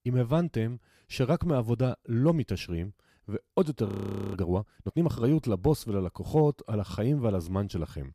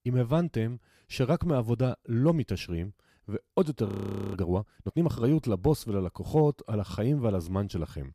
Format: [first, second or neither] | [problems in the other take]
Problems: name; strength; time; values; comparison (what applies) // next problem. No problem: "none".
neither | audio freezing; at 4 s; the same in both